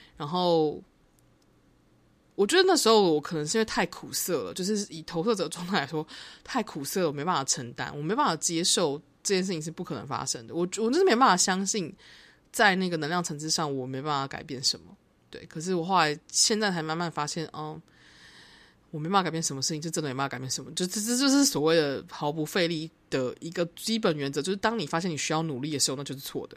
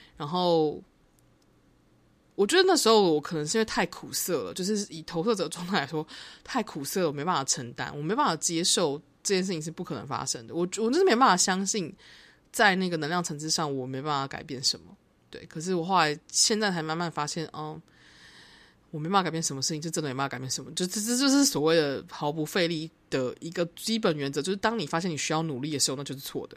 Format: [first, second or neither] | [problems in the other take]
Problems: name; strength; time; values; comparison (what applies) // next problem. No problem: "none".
neither | none